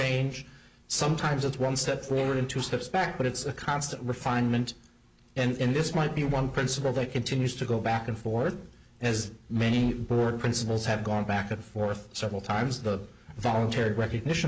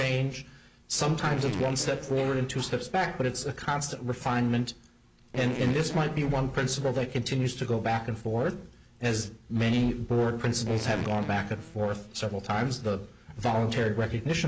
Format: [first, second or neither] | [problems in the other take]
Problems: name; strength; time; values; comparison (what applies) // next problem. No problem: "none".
first | background sound (Fart); 12 dB below the speech